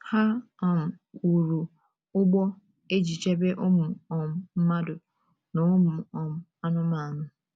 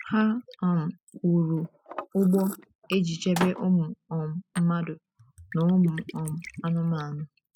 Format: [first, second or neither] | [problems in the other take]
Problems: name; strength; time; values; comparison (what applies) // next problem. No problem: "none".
first | noise reduction (classical method spectral subtraction)